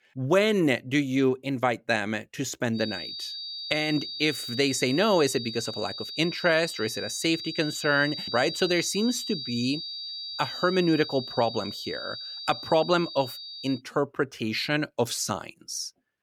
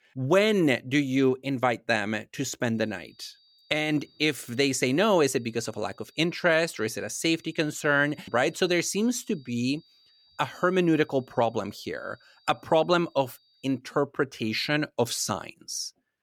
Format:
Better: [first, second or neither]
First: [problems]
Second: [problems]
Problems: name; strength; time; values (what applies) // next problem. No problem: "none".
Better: second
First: high-pitched whine; loud; from 3 to 14 s; 4.5 kHz, 7 dB below the speech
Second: high-pitched whine; faint; from 3 to 14 s; 4.5 kHz, 30 dB below the speech